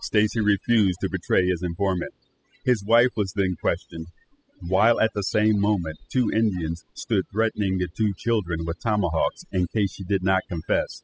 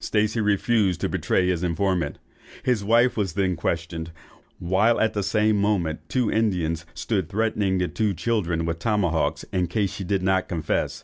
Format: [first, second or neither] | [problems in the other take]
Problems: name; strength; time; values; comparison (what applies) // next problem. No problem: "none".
second | noise reduction (classical method spectral subtraction)